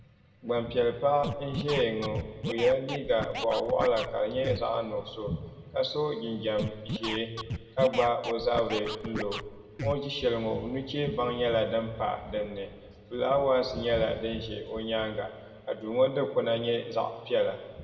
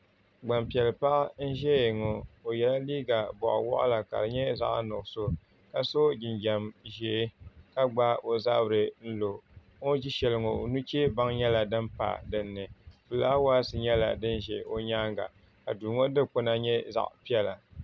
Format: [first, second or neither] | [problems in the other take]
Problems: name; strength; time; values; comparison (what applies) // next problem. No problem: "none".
second | background sound (Scratching (performance technique)); 8 dB below the speech // room echo; dies away in 1.7 s